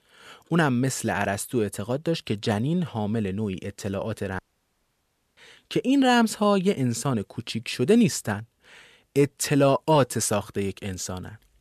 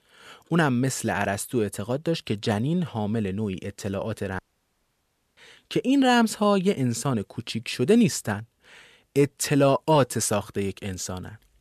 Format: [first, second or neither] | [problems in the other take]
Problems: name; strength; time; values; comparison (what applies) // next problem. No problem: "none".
neither | audio cutting out; at 4.5 s for 1 s; the same in both